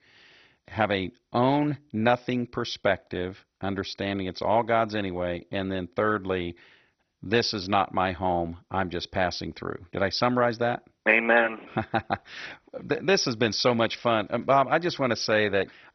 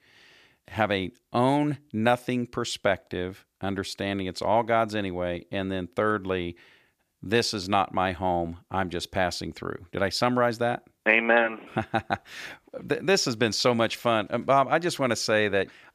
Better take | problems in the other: second | garbled, watery; badly; nothing above 6 kHz

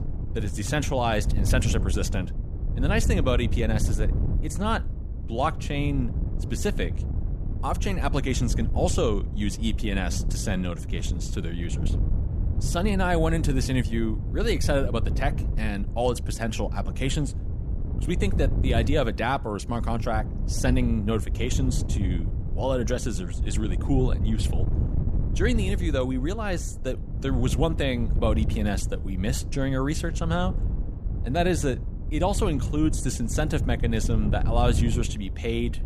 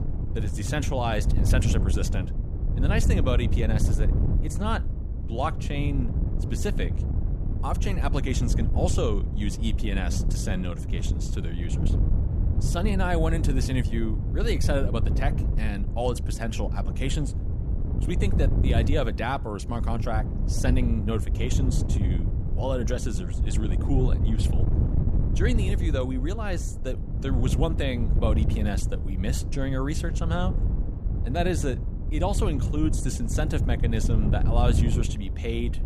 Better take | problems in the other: first | wind noise on the microphone; heavy; 7 dB below the speech; occasional gusts in the first

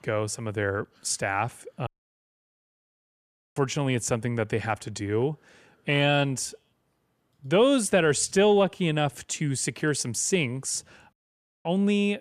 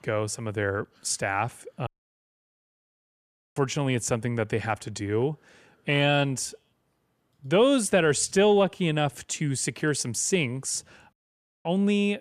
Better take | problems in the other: neither | audio cutting out; at 2 s for 1.5 s and at 11 s for 0.5 s; the same in both

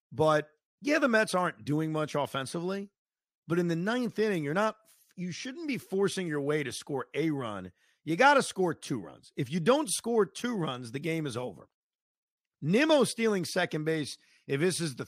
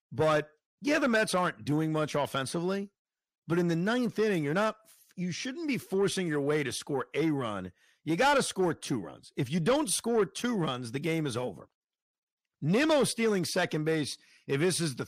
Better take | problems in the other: first | distortion; slight; 10 dB below the speech

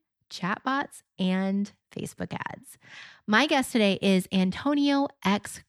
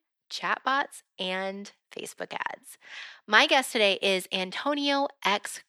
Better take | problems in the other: first | thin; somewhat; fading below 500 Hz

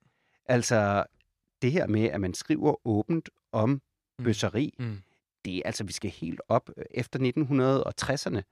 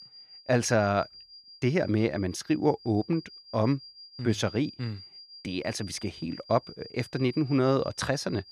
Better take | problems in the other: first | high-pitched whine; noticeable; throughout; 5 kHz, 20 dB below the speech

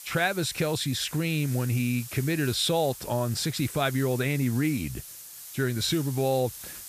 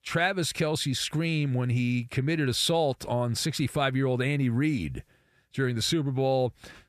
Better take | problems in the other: second | hiss; noticeable; throughout; 15 dB below the speech

